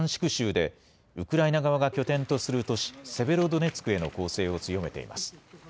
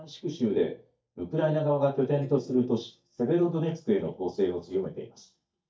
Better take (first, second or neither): first